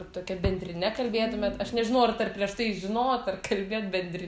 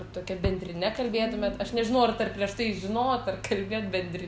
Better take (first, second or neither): first